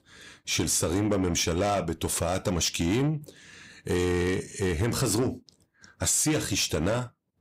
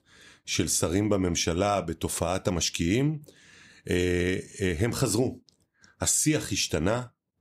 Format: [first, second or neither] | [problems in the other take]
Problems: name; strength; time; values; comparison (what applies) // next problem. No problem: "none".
second | distortion; slight; 10 dB below the speech